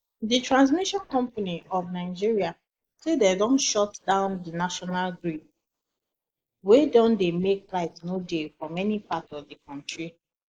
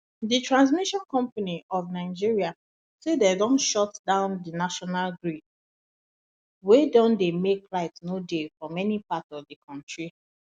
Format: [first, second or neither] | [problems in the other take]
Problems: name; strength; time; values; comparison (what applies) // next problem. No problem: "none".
second | noise reduction (neural mask model Resemble Enhance denoiser)